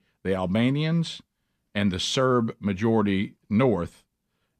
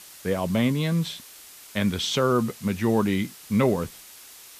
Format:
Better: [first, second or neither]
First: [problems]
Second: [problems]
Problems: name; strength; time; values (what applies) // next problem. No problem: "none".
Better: first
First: none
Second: hiss; noticeable; throughout; 20 dB below the speech